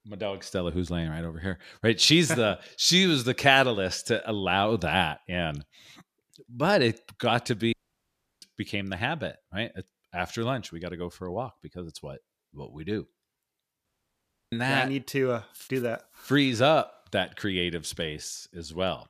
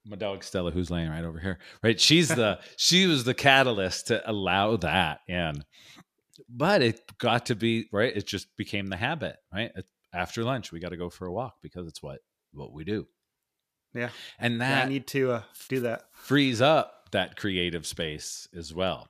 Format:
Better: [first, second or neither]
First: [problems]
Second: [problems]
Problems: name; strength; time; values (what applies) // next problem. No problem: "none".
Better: second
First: audio cutting out; at 7.5 s for 0.5 s and at 14 s for 0.5 s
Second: none